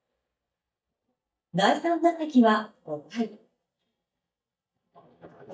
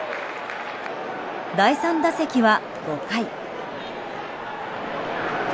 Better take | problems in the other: second | noise reduction (neural mask model DeepFilterNet 3)

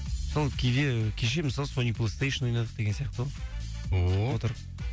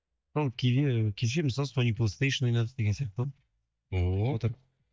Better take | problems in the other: first | noise reduction (neural mask model DeepFilterNet 3)

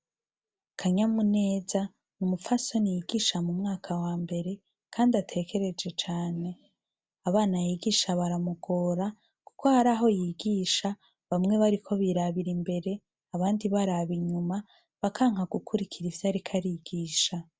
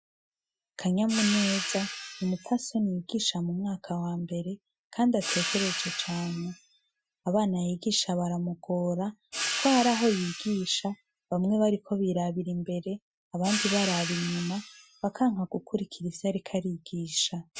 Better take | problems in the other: first | noise reduction (classical method Wiener filter)

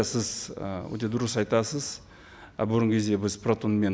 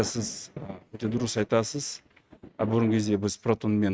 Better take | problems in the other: first | noise reduction (neural mask model RNNoise)

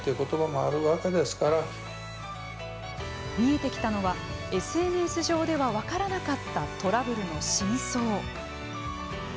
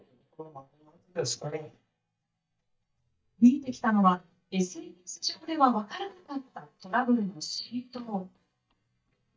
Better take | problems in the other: first | noise reduction (neural mask model DeepFilterNet 3)

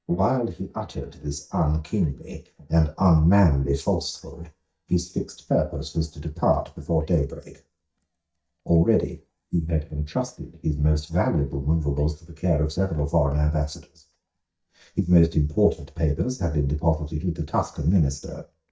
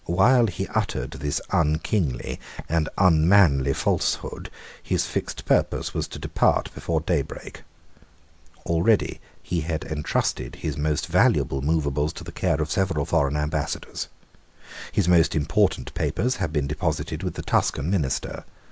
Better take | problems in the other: second | noise reduction (neural mask model DeepFilterNet 3)

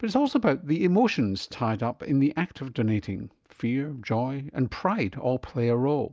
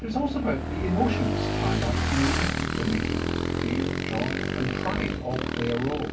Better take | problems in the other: first | background sound (Motorcycle / Engine); 2 dB above the speech // room echo; dies away in 0.2 s

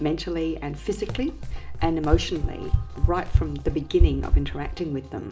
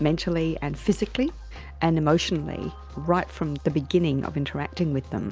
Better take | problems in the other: second | background sound (Run); 4 dB above the speech // room echo; dies away in 0.5 s

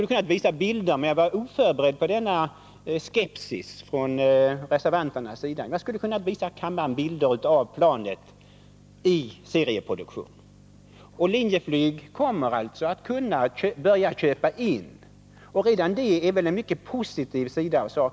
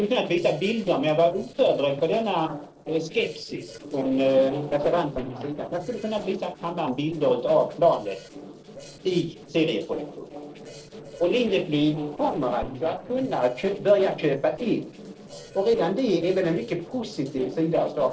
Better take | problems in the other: first | noise reduction (neural separator model SepFormer DNS4)

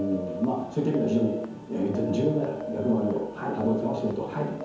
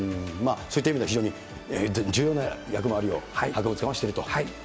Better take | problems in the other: second | background sound (Telephone); 11 dB below the speech // room echo; dies away in 0.9 s

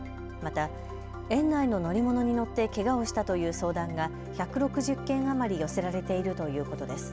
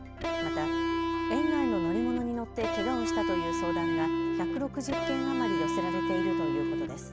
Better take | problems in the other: first | background sound (Electric guitar); 4 dB above the speech

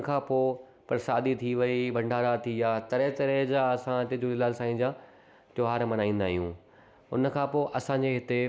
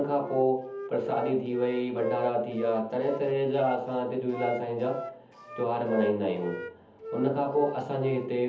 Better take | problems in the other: first | background sound (Wind instrument, woodwind instrument); 11 dB below the speech // room echo; dies away in 0.7 s

